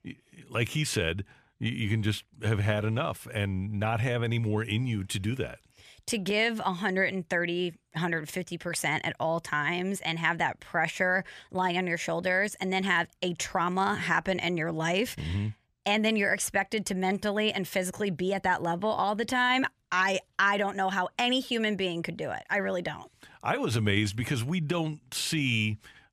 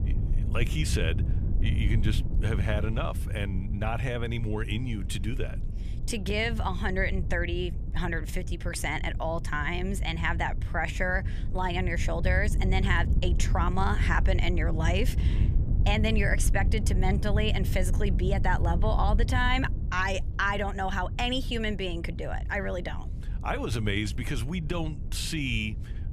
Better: first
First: none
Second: wind noise on the microphone; occasional gusts; 15 dB below the speech

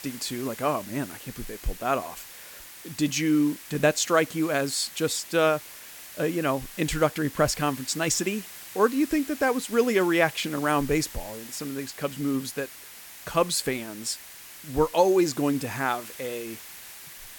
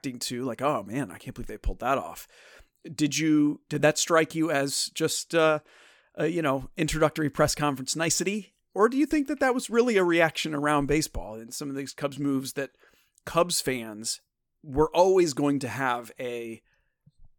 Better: second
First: hiss; noticeable; throughout; 15 dB below the speech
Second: none

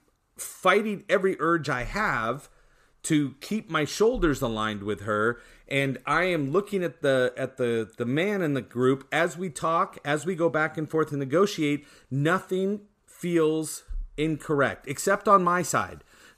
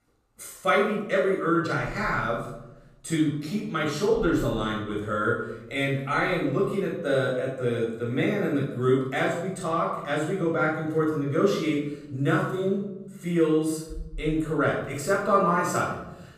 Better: first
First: none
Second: off-mic speech; far // room echo; noticeable; dies away in 0.8 s

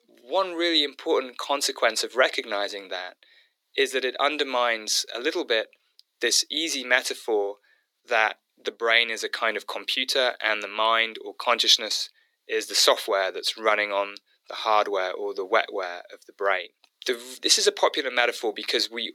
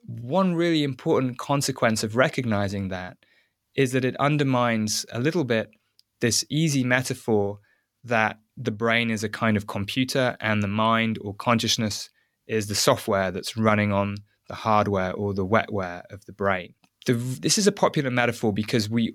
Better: second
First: thin; very; fading below 350 Hz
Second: none

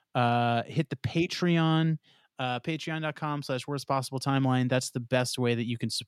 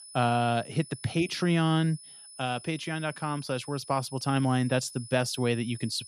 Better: first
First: none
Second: high-pitched whine; noticeable; throughout; 10 kHz, 15 dB below the speech

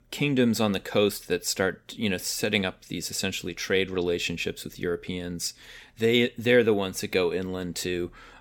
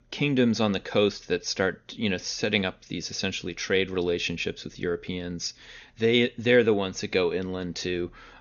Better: first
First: none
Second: garbled, watery; slightly; nothing above 6.5 kHz

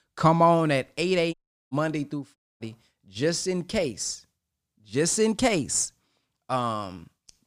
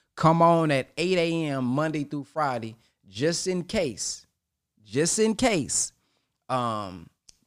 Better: second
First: audio cutting out; at 1.5 s and at 2.5 s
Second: none

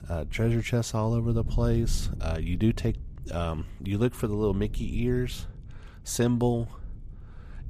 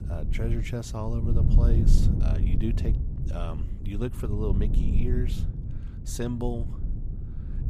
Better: first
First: low rumble; faint; throughout; 20 dB below the speech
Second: low rumble; loud; throughout; 4 dB below the speech

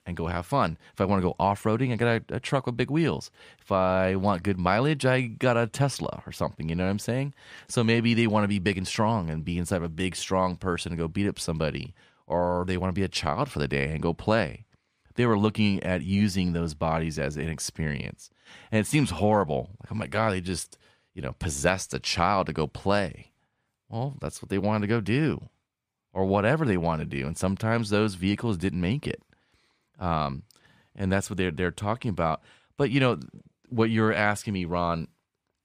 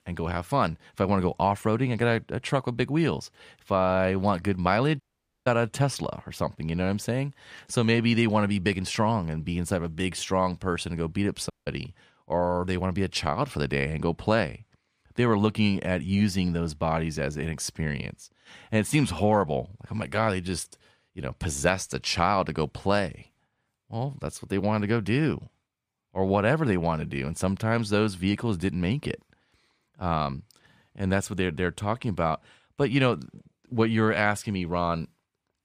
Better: first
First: none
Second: audio cutting out; at 5 s and at 12 s

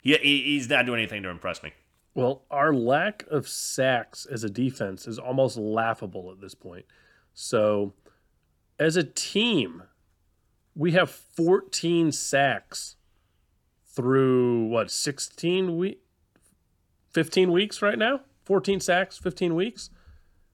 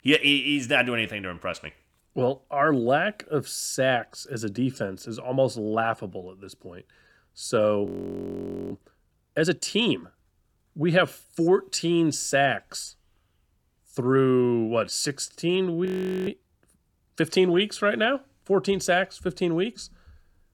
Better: first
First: none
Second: audio freezing; at 8 s for 1 s and at 16 s

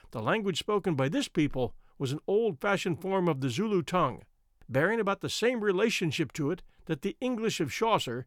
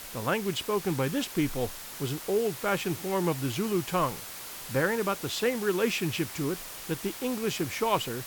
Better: first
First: none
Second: hiss; loud; throughout; 9 dB below the speech

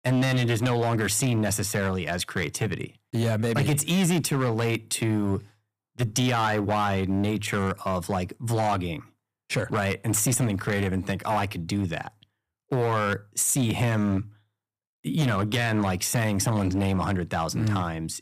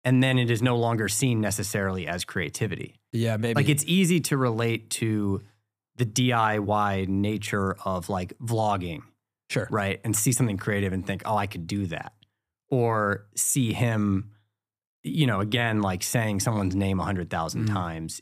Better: second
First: distortion; slight; 10% of the sound clipped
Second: none

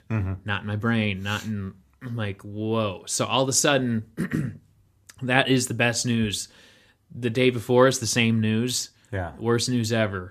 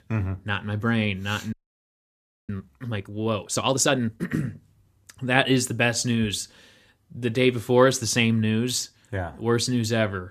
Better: first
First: none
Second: audio freezing; at 1.5 s for 1 s

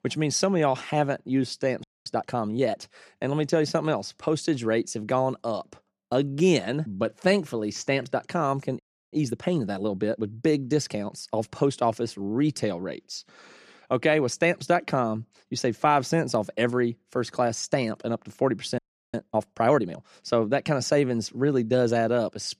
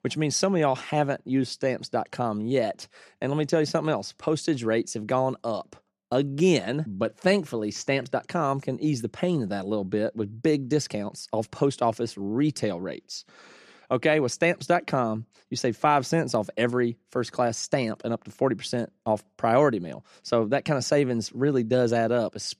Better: second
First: audio freezing; at 2 s, at 9 s and at 19 s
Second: none

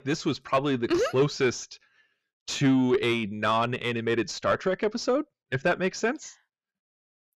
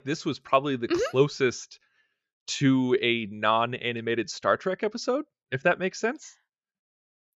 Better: second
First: distortion; slight; 10 dB below the speech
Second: none

